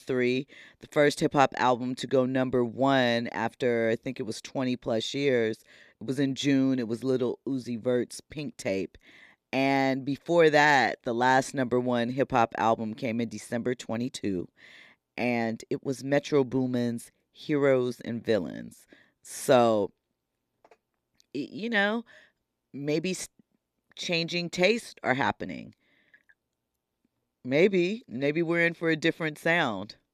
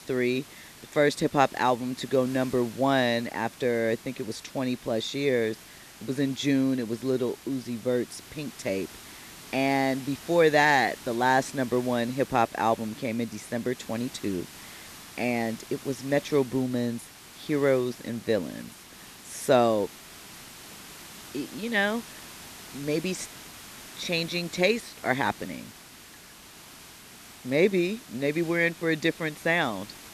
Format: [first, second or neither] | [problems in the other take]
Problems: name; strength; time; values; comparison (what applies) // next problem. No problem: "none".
first | hiss; noticeable; throughout; 15 dB below the speech